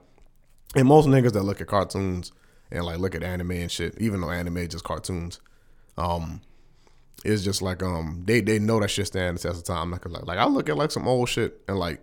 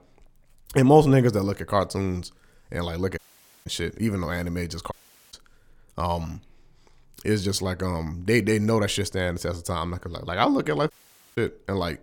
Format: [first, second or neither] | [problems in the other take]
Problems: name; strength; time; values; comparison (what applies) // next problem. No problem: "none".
first | audio cutting out; at 3 s, at 5 s and at 11 s